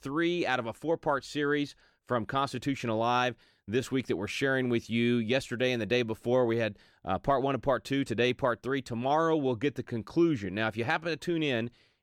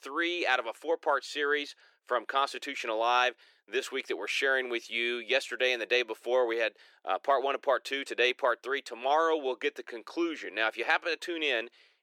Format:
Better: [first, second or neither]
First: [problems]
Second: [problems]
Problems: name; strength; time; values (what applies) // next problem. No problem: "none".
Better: first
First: none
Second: thin; very; fading below 400 Hz